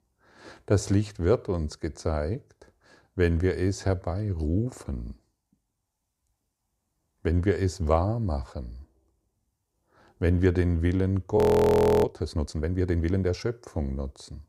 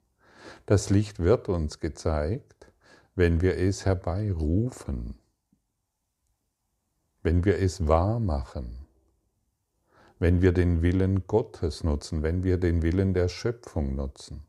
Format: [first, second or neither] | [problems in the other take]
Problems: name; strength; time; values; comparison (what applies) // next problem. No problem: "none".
second | audio freezing; at 11 s for 0.5 s